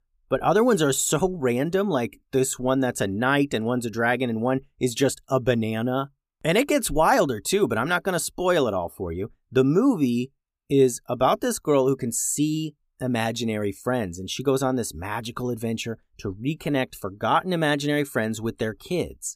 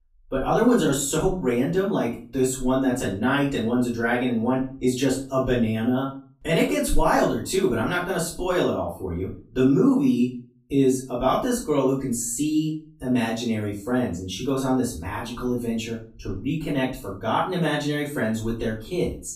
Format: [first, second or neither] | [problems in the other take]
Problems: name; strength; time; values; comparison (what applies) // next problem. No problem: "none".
first | off-mic speech; far // room echo; slight; dies away in 0.3 s